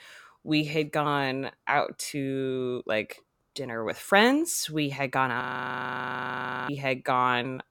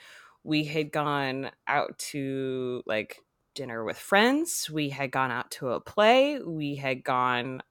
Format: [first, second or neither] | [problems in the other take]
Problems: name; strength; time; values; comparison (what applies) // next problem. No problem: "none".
second | audio freezing; at 5.5 s for 1.5 s